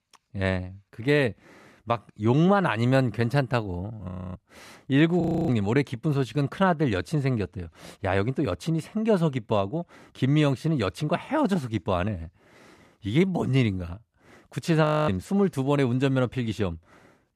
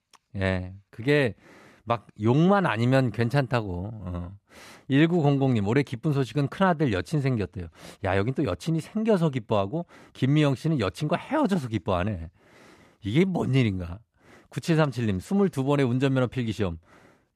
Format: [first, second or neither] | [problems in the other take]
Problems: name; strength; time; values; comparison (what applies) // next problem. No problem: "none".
second | audio freezing; at 4 s, at 5 s and at 15 s